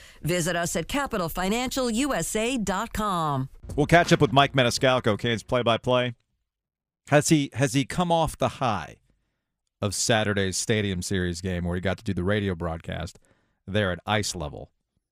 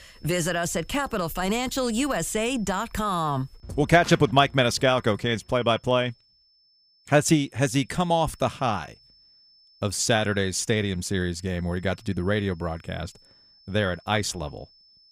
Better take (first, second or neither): first